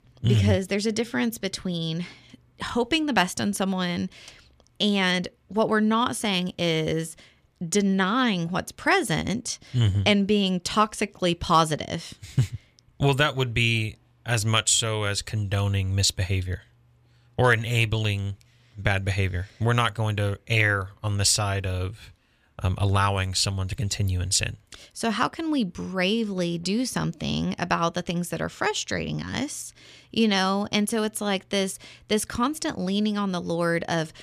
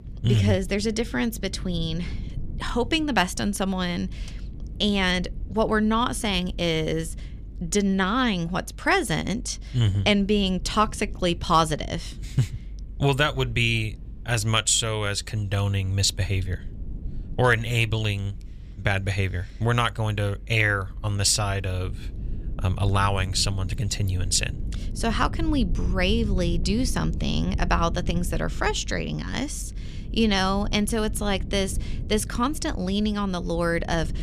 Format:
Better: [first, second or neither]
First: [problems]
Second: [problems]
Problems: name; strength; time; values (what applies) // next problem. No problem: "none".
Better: first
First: none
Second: low rumble; faint; throughout; 25 dB below the speech